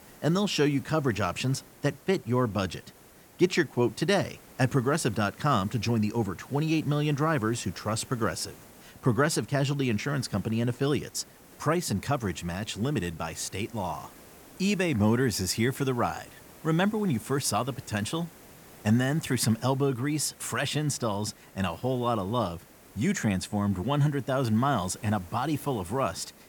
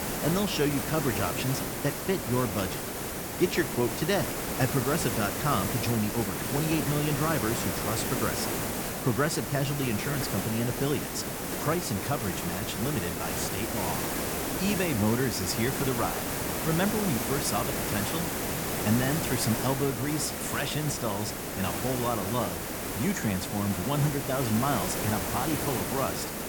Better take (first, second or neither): first